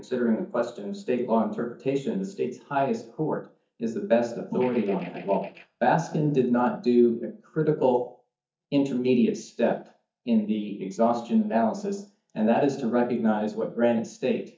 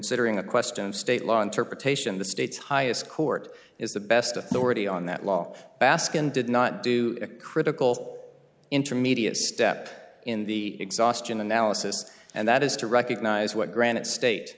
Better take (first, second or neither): second